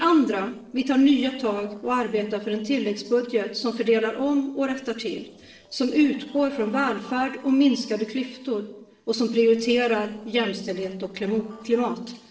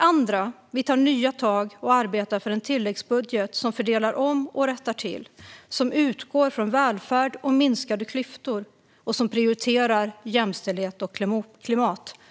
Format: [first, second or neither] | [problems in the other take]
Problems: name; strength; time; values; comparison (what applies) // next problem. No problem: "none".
second | noise reduction (neural separator model SepFormer DNS4)